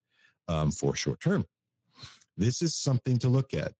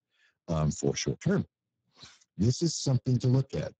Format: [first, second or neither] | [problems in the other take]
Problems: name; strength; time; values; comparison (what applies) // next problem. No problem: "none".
first | garbled, watery; badly; nothing above 7.5 kHz; slightly in the first